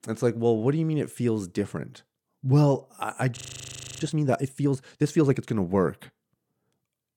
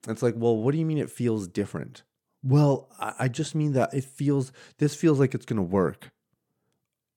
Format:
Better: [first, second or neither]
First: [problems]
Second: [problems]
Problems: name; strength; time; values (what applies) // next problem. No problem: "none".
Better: second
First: audio freezing; at 3.5 s for 0.5 s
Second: none